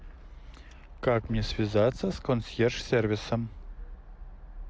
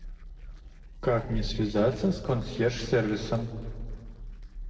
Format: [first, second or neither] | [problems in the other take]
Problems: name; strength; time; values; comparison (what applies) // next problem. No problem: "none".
first | noise reduction (neural separator model SepFormer DNS4)